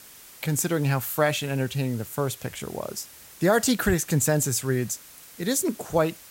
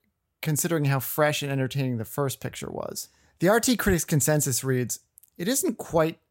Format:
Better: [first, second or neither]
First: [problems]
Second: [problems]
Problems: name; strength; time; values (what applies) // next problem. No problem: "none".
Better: second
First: hiss; noticeable; throughout; 20 dB below the speech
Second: none